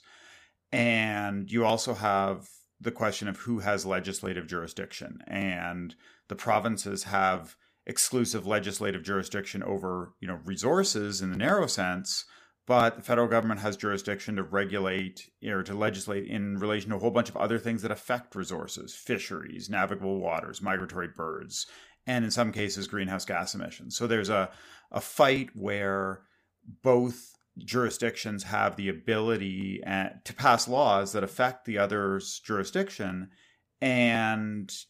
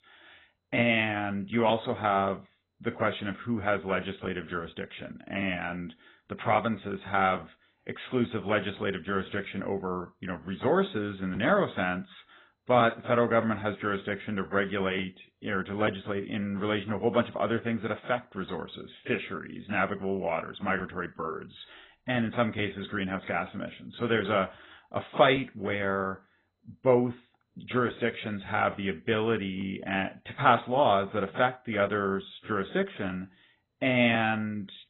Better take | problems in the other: first | garbled, watery; badly; nothing above 4 kHz

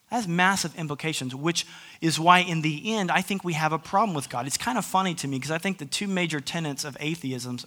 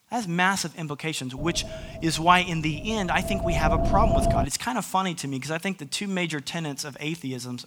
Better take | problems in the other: first | wind noise on the microphone; heavy; from 1.5 to 4.5 s; 2 dB below the speech

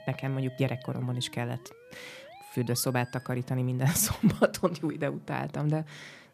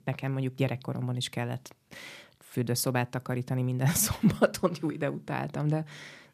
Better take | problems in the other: second | background music; faint; throughout; 25 dB below the speech

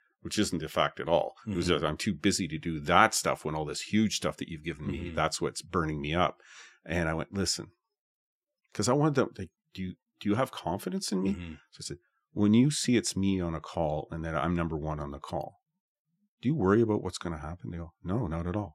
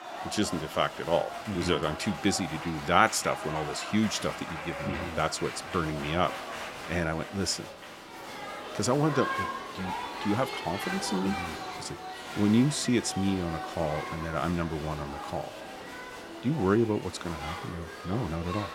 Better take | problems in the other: first | crowd noise; loud; throughout; 8 dB below the speech

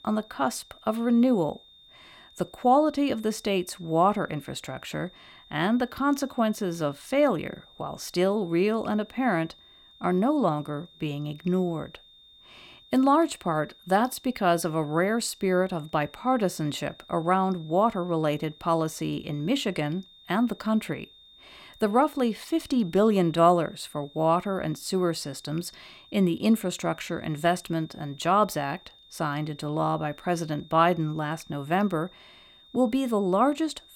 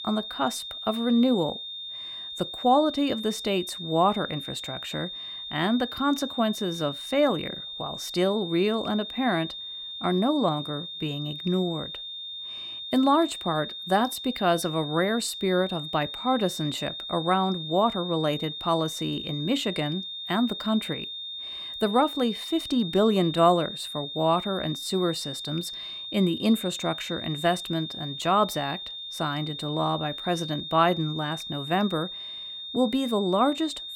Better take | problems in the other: first | high-pitched whine; loud; throughout; 3.5 kHz, 8 dB below the speech; faint in the first

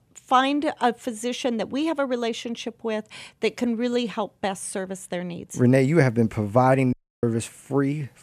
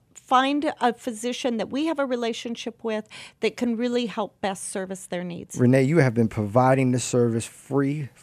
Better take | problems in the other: second | audio cutting out; at 7 s

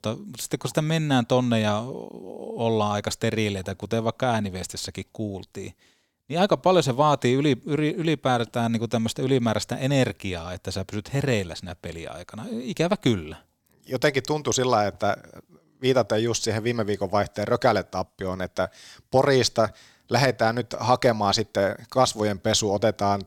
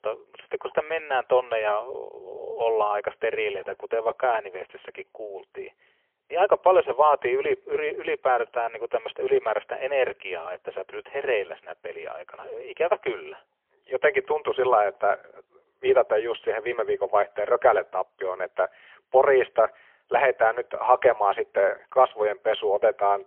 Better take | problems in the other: first | phone-call audio; poor line; nothing above 3 kHz

